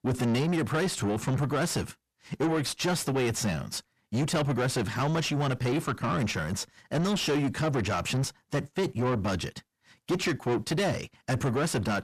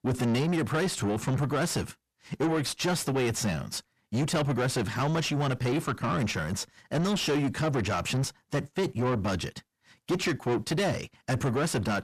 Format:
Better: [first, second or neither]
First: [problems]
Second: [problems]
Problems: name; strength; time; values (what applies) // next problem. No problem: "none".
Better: neither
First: distortion; heavy; 7 dB below the speech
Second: distortion; heavy; 7 dB below the speech